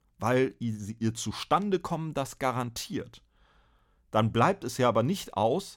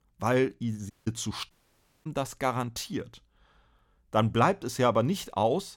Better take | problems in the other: first | audio cutting out; at 1 s and at 1.5 s for 0.5 s

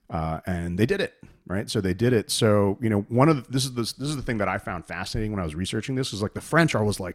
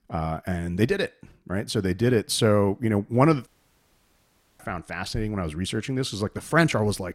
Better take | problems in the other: first | audio cutting out; at 3.5 s for 1 s

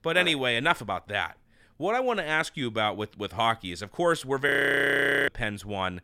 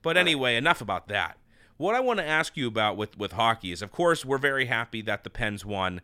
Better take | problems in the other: second | audio freezing; at 4.5 s for 1 s

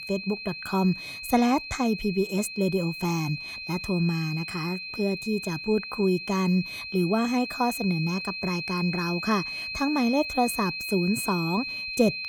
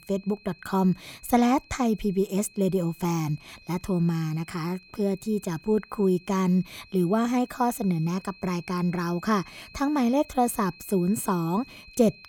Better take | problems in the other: second | high-pitched whine; loud; throughout; 2.5 kHz, 6 dB below the speech; faint in the second

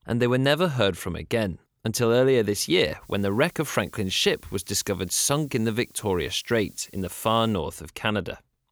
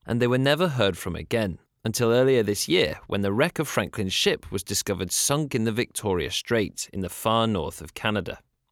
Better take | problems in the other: second | hiss; faint; from 3 to 7.5 s; 25 dB below the speech

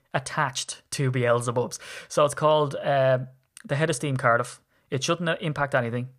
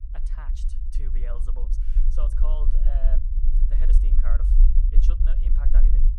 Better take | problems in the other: first | low rumble; loud; throughout; 3 dB below the speech

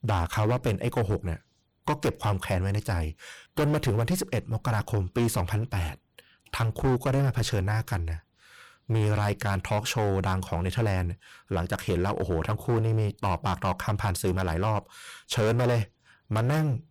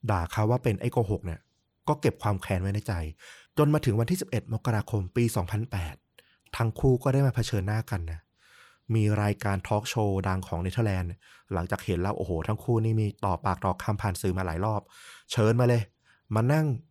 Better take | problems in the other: second | distortion; heavy; 16% of the sound clipped

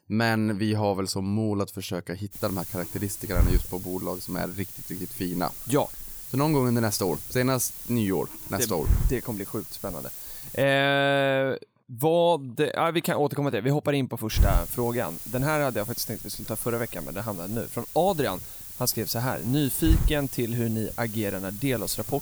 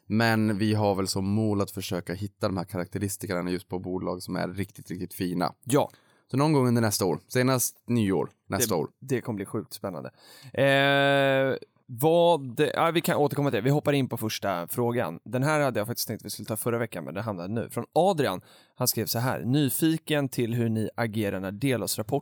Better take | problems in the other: second | hiss; loud; from 2.5 to 11 s and from 14 s on; 6 dB below the speech

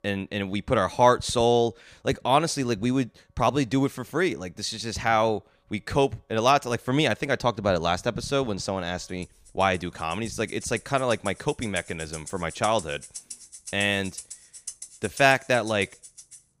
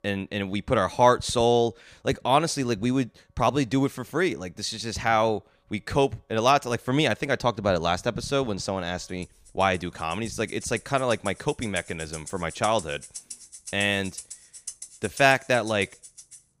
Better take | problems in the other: neither | background music; noticeable; throughout; 15 dB below the speech; the same in both

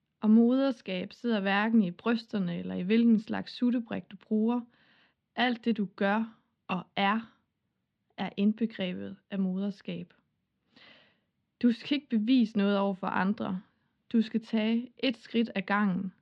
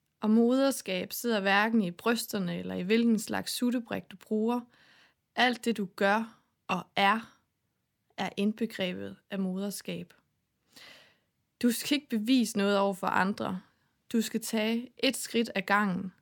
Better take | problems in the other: second | muffled; very slightly; fading above 3.5 kHz

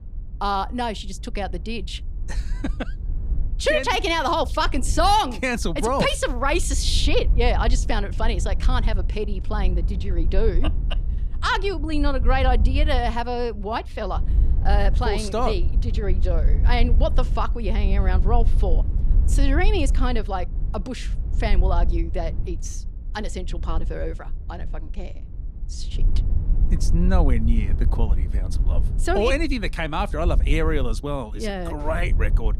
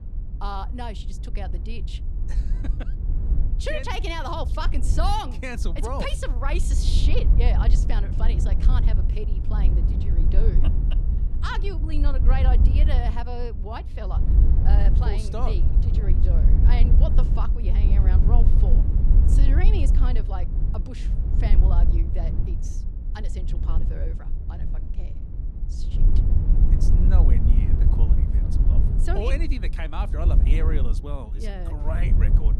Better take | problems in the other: first | wind noise on the microphone; heavy; 6 dB below the speech; occasional gusts in the first

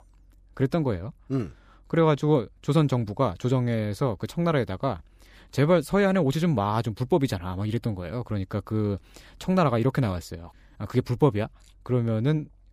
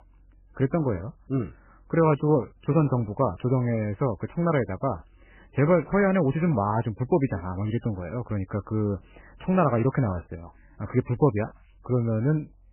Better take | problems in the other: first | garbled, watery; badly; nothing above 2.5 kHz

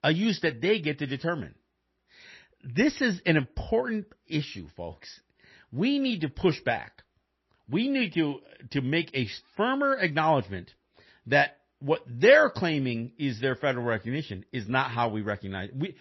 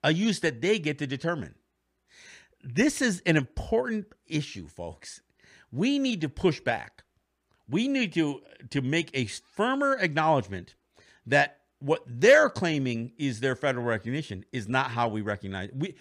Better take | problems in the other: second | garbled, watery; slightly; nothing above 5.5 kHz

